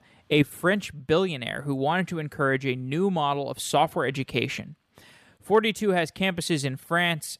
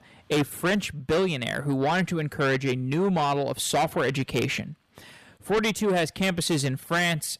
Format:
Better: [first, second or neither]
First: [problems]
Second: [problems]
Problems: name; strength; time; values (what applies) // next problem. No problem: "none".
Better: first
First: none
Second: distortion; heavy; 7 dB below the speech